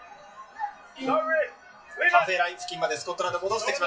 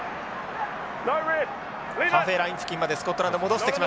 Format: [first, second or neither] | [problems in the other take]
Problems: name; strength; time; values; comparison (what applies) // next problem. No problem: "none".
second | noise reduction (classical method WPE with log-MMSE)